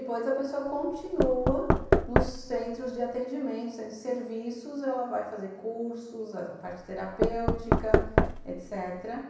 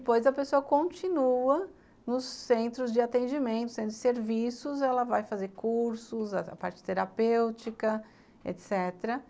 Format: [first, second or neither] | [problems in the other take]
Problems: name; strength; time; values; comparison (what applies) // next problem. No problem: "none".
second | background sound (Knock / Wood); 4 dB above the speech // room echo; dies away in 0.9 s